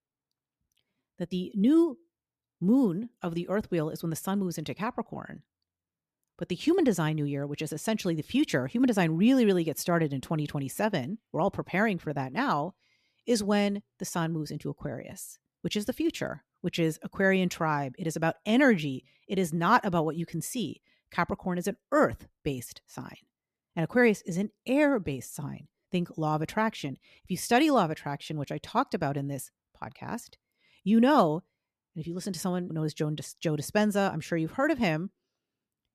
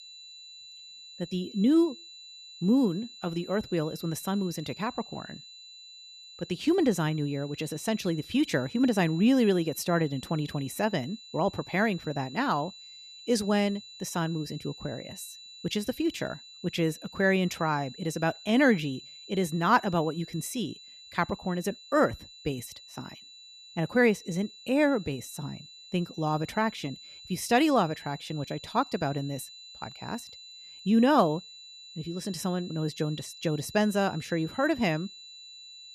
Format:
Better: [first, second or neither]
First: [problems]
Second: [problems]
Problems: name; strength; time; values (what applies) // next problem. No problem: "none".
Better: first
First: none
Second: high-pitched whine; noticeable; throughout; 4 kHz, 15 dB below the speech